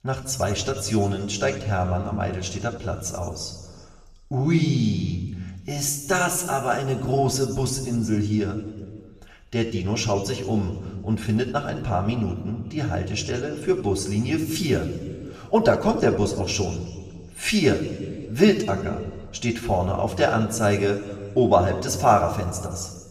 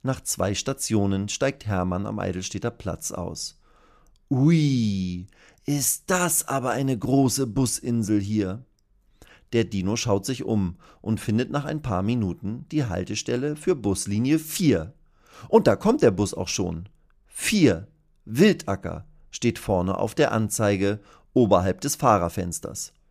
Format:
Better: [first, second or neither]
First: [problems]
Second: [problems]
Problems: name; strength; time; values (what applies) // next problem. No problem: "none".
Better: second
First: room echo; slight; dies away in 1.5 s // off-mic speech; somewhat distant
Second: none